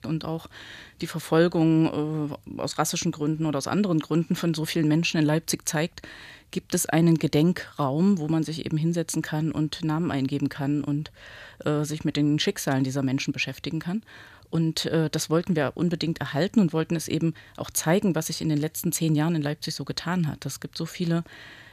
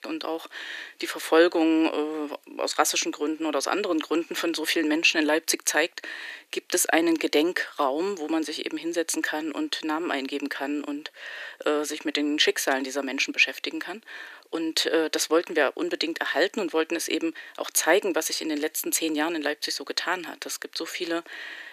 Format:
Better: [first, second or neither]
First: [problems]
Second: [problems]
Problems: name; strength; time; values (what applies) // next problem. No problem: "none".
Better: first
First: none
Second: thin; somewhat; fading below 300 Hz